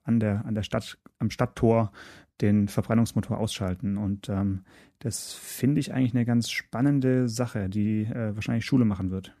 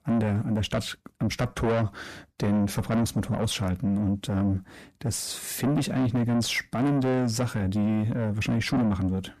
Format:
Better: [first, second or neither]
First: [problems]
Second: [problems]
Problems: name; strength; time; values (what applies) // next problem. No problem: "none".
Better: first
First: none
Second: distortion; heavy; 6 dB below the speech